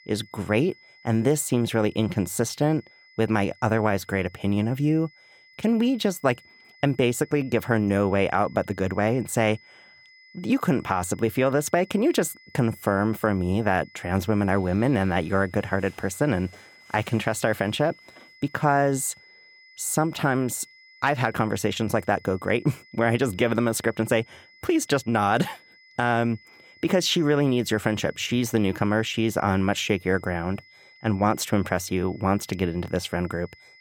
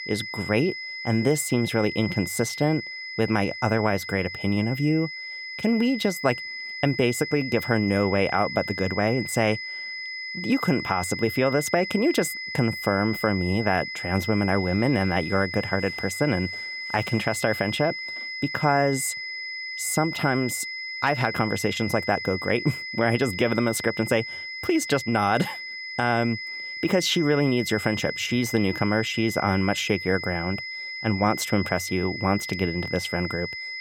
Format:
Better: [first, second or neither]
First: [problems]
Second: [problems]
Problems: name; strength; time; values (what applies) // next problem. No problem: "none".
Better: first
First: high-pitched whine; faint; throughout; 2 kHz, 25 dB below the speech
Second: high-pitched whine; loud; throughout; 2 kHz, 7 dB below the speech